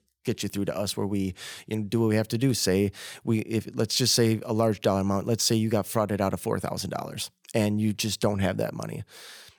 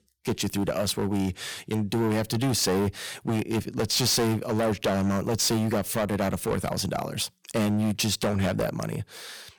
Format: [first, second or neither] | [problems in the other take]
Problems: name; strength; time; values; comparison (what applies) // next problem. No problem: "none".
first | distortion; heavy; 14% of the sound clipped